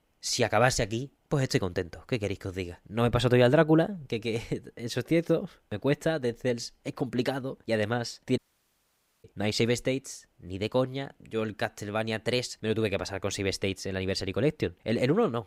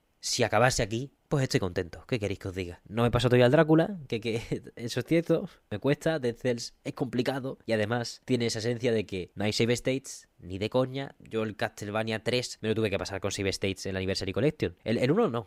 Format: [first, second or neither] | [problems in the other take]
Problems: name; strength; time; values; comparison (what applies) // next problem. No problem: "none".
second | audio cutting out; at 8.5 s for 1 s